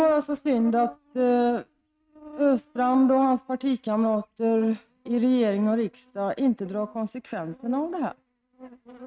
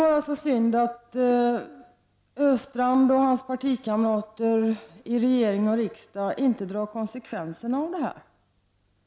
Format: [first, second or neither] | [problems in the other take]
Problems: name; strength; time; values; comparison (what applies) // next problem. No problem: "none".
second | noise reduction (neural mask model RNNoise)